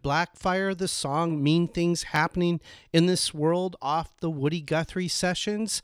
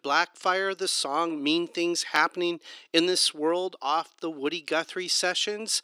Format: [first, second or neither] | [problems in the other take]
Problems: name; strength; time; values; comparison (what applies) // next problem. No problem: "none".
first | thin; somewhat; fading below 300 Hz